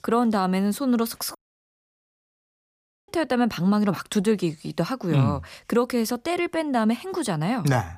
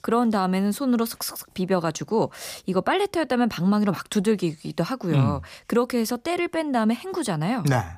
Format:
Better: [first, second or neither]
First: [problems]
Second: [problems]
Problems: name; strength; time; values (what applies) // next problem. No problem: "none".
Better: second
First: audio cutting out; at 1.5 s for 1.5 s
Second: none